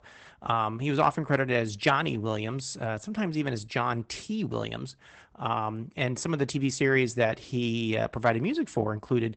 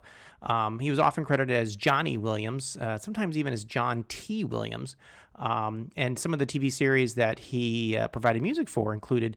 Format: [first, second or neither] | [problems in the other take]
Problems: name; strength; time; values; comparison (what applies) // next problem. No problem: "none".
second | garbled, watery; badly; nothing above 8 kHz; slightly in the second